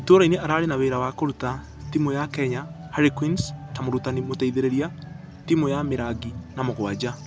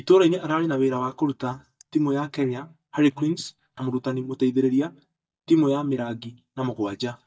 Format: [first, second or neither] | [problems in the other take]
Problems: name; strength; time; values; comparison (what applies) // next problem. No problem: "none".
first | noise reduction (neural mask model DeepFilterNet 3)